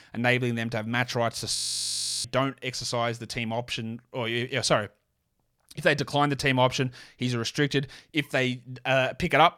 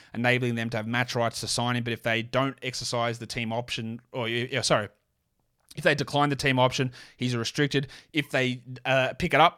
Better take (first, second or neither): second